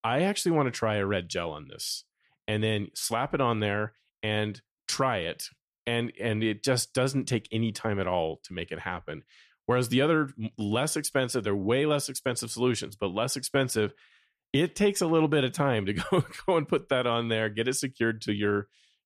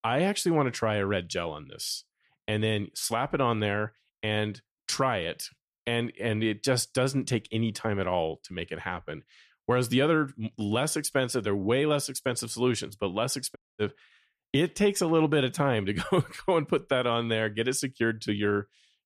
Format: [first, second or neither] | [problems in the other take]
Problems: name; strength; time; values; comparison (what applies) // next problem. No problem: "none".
first | audio cutting out; at 14 s